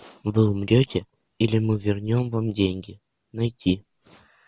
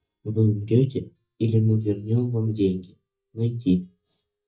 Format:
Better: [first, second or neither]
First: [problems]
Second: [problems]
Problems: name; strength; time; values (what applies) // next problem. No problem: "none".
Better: first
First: none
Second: noise reduction (neural mask model DeepFilterNet 3)